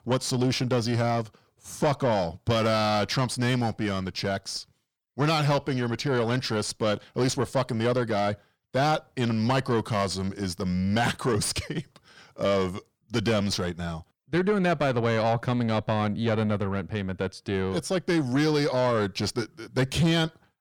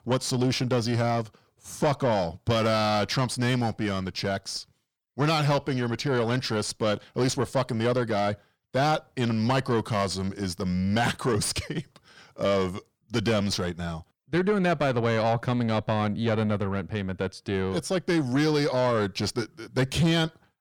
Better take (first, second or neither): neither